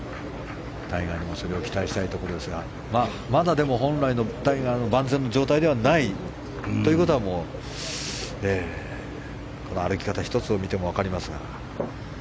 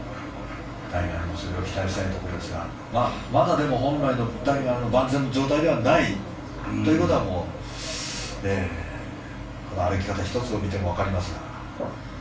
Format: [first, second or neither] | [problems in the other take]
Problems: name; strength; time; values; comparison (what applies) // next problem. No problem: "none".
first | room echo; dies away in 0.3 s